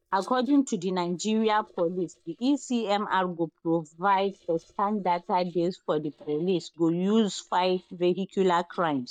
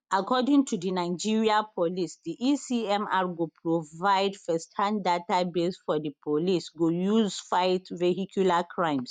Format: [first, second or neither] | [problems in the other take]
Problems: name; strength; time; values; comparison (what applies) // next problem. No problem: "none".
second | noise reduction (neural mask model DeepFilterNet 3)